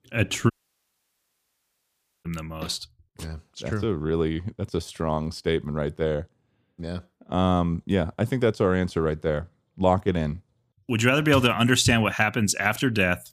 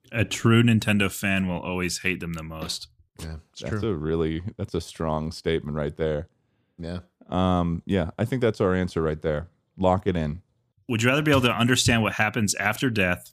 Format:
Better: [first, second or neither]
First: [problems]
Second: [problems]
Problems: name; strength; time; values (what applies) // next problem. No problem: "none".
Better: second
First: audio cutting out; at 0.5 s for 1.5 s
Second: none